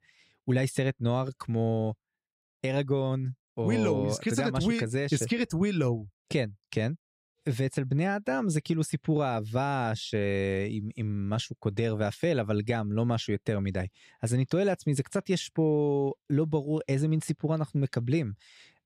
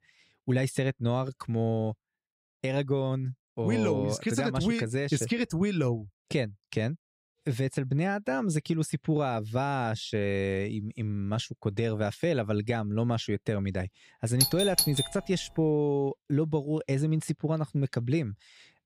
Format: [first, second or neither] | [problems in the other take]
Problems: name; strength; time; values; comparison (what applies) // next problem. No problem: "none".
first | doorbell; loud; at 14 s; peak 4 dB above the speech